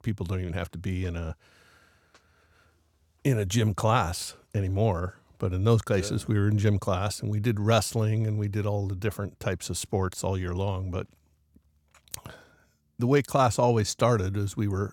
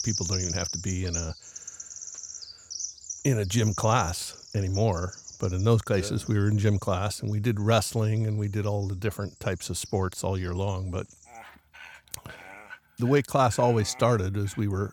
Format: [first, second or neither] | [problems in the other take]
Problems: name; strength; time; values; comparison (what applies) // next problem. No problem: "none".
first | animal sounds; noticeable; throughout; 10 dB below the speech